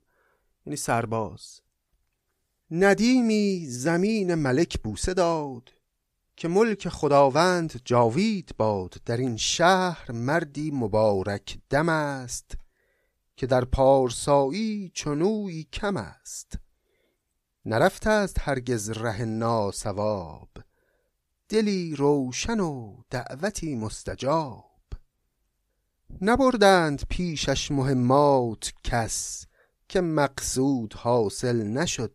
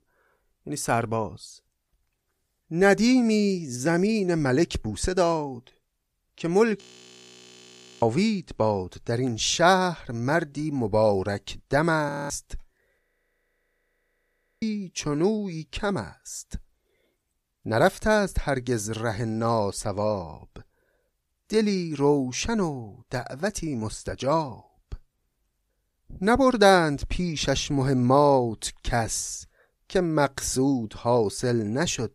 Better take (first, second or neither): first